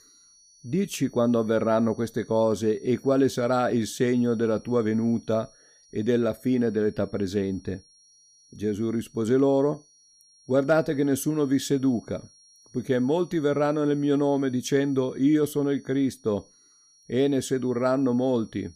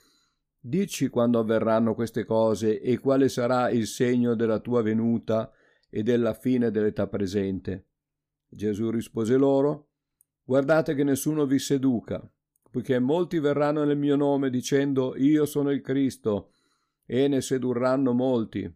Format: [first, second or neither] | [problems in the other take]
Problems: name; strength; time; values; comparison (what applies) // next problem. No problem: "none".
second | high-pitched whine; faint; throughout; 6 kHz, 30 dB below the speech